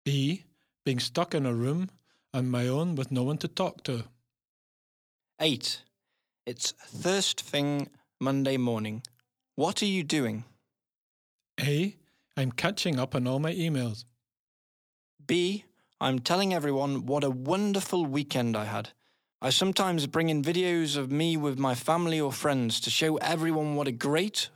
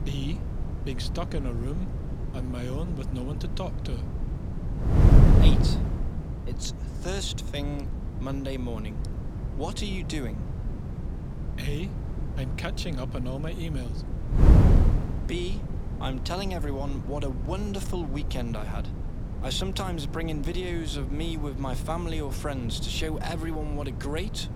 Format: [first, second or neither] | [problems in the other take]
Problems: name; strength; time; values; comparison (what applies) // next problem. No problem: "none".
first | wind noise on the microphone; heavy; 4 dB below the speech